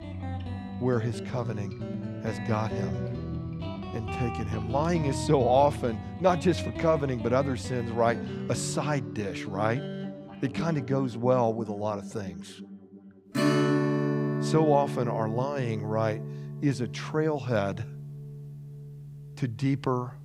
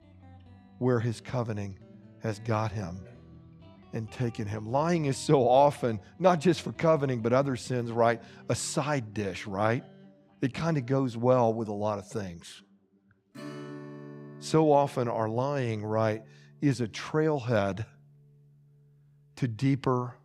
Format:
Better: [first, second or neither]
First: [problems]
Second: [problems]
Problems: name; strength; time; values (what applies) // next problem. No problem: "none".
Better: second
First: background music; loud; throughout; 5 dB below the speech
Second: background music; faint; throughout; 25 dB below the speech